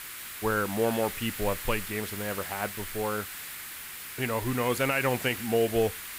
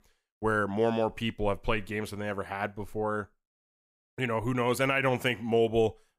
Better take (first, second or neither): second